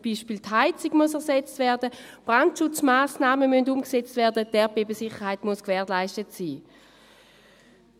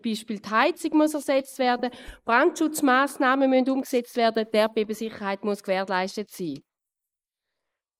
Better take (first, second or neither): first